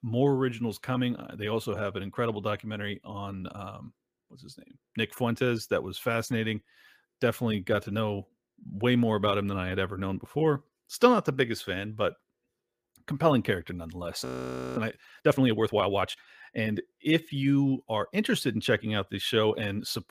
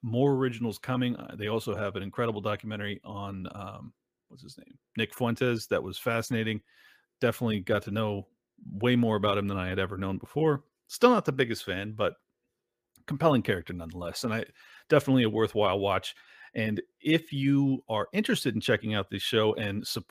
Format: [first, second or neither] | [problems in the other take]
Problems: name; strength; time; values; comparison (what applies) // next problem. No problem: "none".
second | audio freezing; at 14 s for 0.5 s